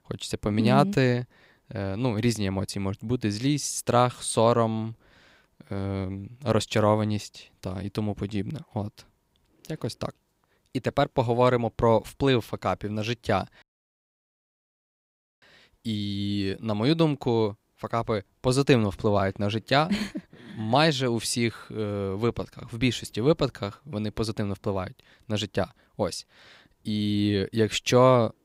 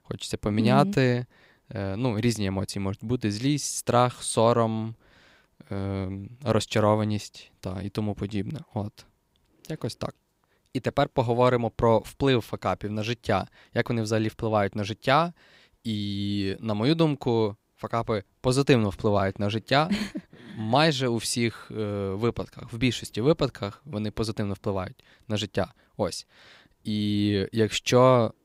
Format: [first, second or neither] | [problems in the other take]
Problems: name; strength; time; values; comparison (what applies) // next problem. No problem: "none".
second | audio cutting out; at 14 s for 2 s